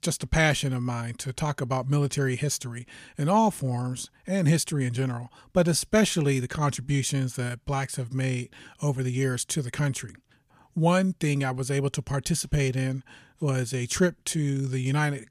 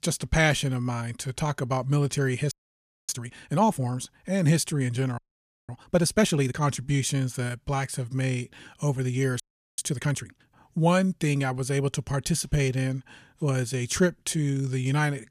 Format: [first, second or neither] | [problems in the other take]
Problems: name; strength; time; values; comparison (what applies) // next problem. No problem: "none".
first | audio freezing; at 2.5 s for 0.5 s, at 5 s for 0.5 s and at 9.5 s